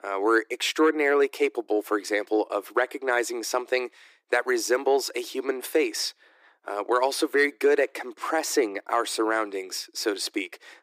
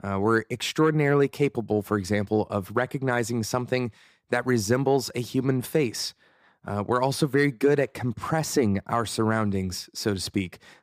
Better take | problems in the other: second | thin; very; fading below 300 Hz

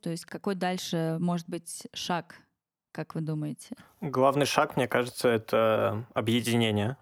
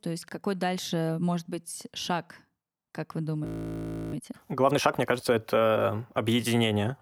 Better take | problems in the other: first | audio freezing; at 3.5 s for 0.5 s

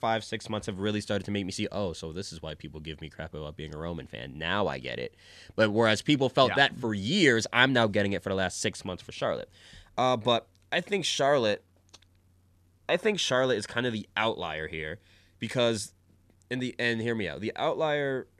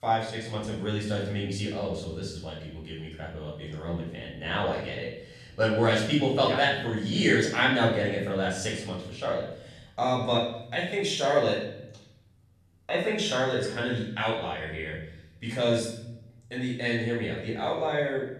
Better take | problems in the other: first | off-mic speech; far // room echo; noticeable; dies away in 0.8 s

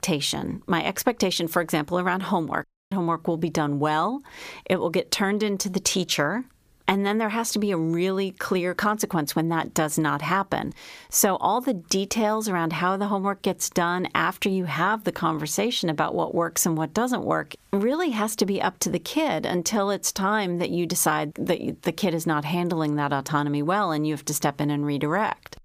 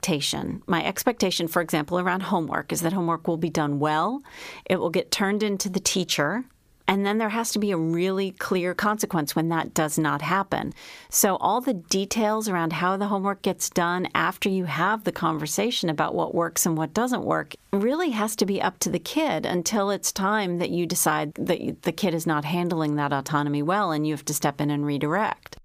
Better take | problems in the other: second | audio cutting out; at 2.5 s

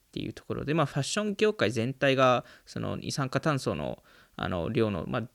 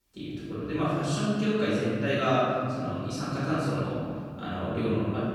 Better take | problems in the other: first | off-mic speech; far // room echo; strong; dies away in 2.4 s

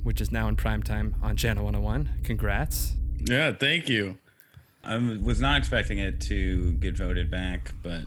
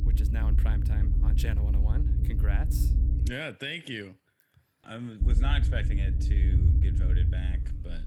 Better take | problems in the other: first | low rumble; loud; until 3.5 s and from 5 s on; 5 dB below the speech; faint in the first

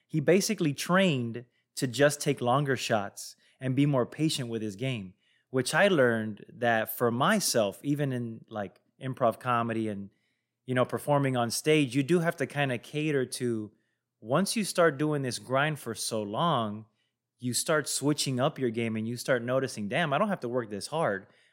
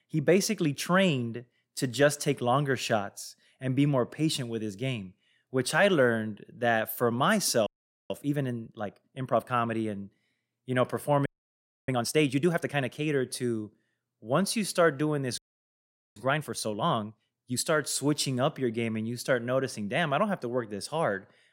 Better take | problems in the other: first | audio freezing; at 7.5 s, at 11 s for 0.5 s and at 15 s for 1 s

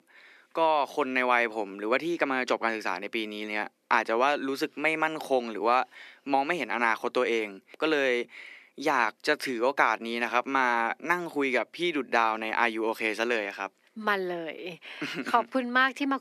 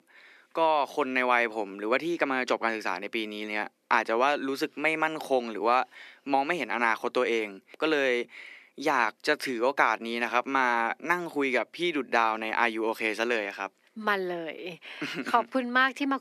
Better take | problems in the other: neither | thin; somewhat; fading below 300 Hz; the same in both

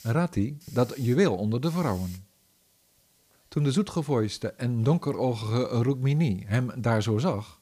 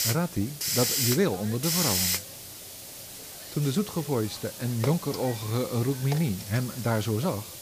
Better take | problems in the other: first | hiss; loud; throughout; 2 dB below the speech; faint in the first

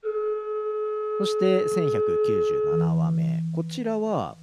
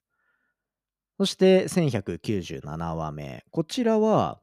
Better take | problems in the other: second | background music; very loud; throughout; 4 dB above the speech

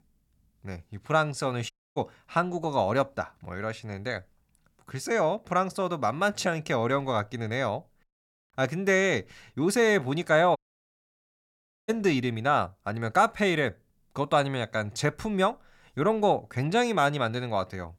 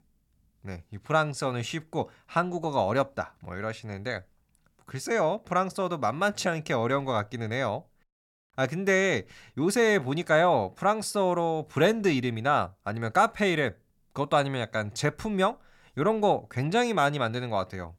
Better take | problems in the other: second | audio cutting out; at 1.5 s and at 11 s for 1.5 s

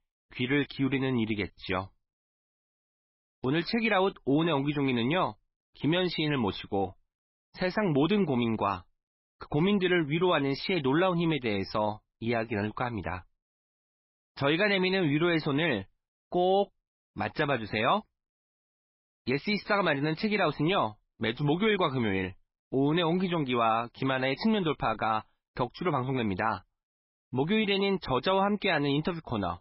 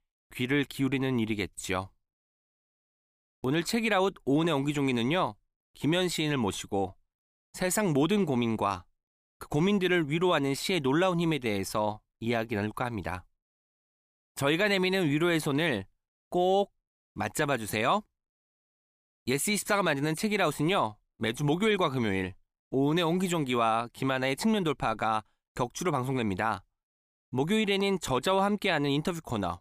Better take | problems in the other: second | garbled, watery; badly; nothing above 5.5 kHz

